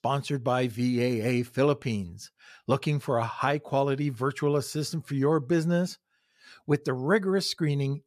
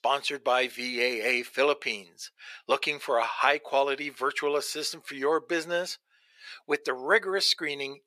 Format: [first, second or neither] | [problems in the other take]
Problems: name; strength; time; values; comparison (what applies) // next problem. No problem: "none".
first | thin; very; fading below 450 Hz